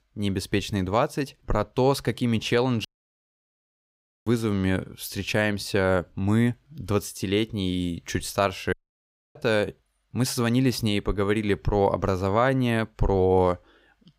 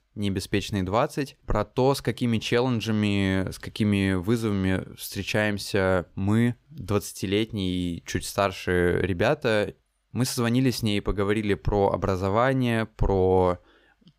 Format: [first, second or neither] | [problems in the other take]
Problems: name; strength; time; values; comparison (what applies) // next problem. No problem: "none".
second | audio cutting out; at 3 s for 1.5 s and at 8.5 s for 0.5 s